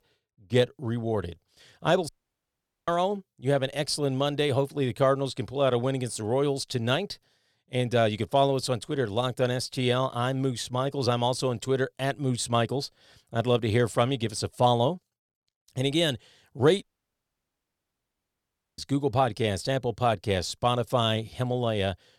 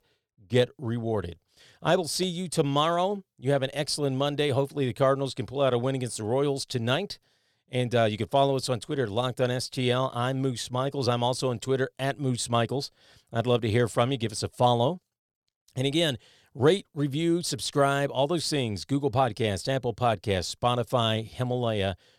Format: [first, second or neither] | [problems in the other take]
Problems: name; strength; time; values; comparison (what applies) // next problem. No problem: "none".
second | audio cutting out; at 2 s for 1 s and at 17 s for 2 s